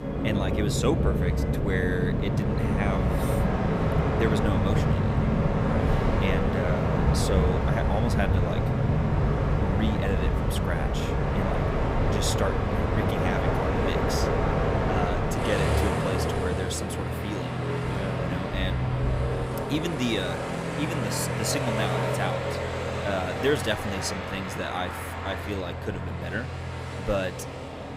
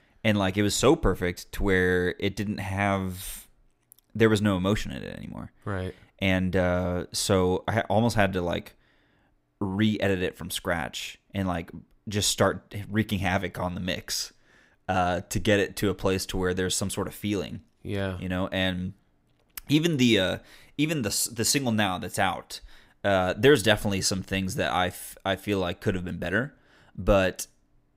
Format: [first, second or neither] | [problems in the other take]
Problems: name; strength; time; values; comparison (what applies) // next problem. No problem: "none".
second | train or aircraft noise; very loud; throughout; 5 dB above the speech